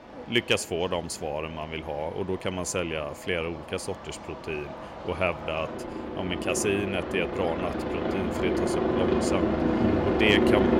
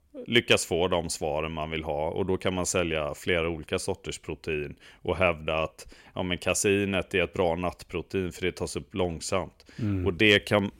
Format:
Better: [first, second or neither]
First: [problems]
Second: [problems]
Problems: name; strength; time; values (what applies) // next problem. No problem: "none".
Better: second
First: train or aircraft noise; very loud; throughout; 2 dB above the speech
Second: none